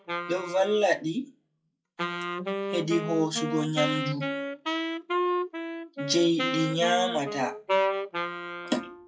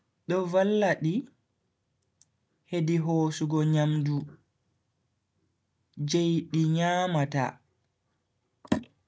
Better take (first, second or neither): second